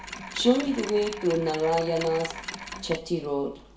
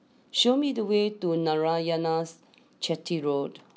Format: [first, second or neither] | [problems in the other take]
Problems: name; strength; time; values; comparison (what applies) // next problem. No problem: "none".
second | background sound (Mechanisms); 12 dB below the speech // room echo; dies away in 0.6 s